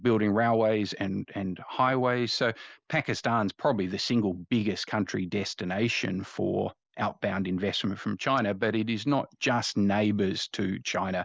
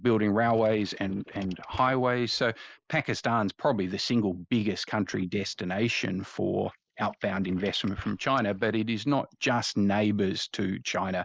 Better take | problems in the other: first | noise reduction (neural mask model Resemble Enhance denoiser)

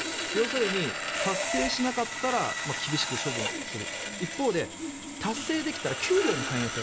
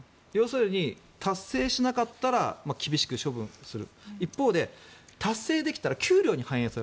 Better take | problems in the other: second | background sound (Sawing); 2 dB below the speech

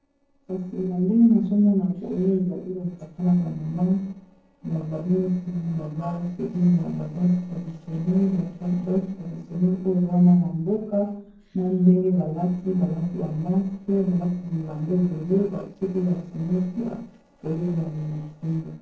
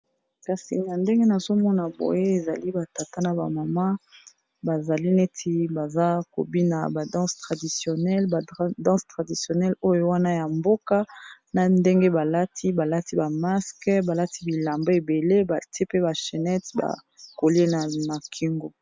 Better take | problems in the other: second | noise reduction (neural separator model SepFormer DNS4)

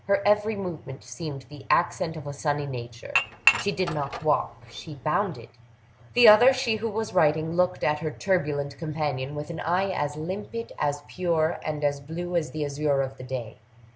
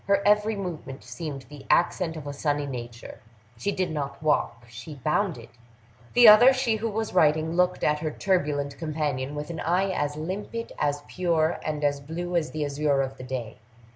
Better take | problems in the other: second | background sound (Dishes, pots, and pans / Chink, clink); 3 dB below the speech

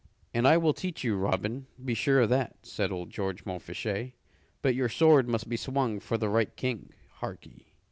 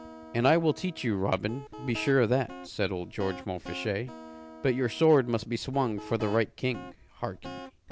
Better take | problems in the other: first | background sound (Guitar); 16 dB below the speech

